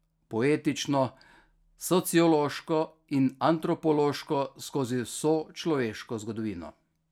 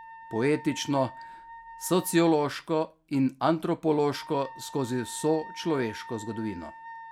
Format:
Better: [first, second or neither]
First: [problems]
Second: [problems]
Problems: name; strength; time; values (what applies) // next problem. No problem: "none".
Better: first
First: none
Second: background sound (Wind instrument, woodwind instrument); 17 dB below the speech